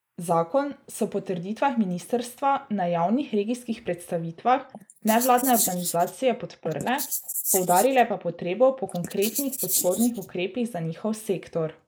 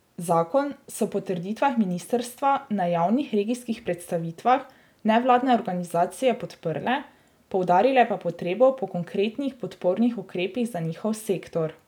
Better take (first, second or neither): second